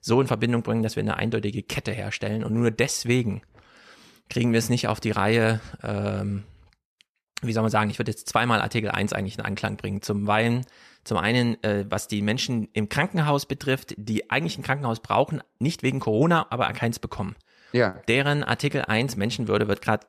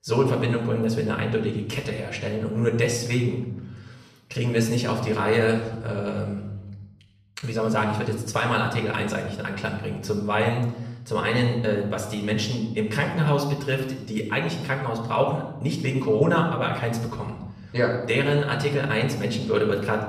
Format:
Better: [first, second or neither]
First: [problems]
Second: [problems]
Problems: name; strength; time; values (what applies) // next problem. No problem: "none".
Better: first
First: none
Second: off-mic speech; far // room echo; slight; dies away in 0.8 s